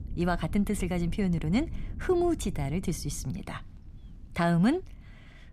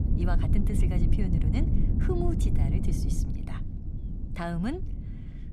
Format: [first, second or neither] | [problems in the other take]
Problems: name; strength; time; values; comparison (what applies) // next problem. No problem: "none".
first | low rumble; loud; throughout; 3 dB below the speech; faint in the first